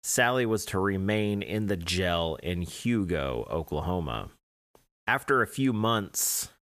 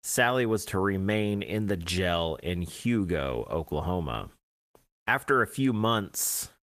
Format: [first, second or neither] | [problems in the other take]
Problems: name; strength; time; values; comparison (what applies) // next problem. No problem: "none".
first | garbled, watery; slightly; nothing above 14.5 kHz